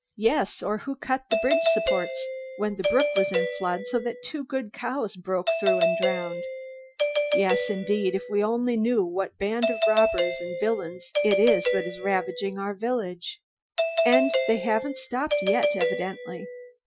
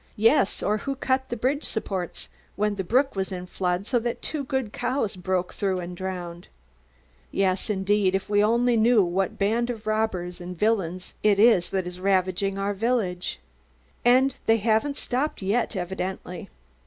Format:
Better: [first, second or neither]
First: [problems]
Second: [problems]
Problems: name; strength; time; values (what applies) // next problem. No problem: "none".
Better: second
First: noise reduction (classical method Wiener filter)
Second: none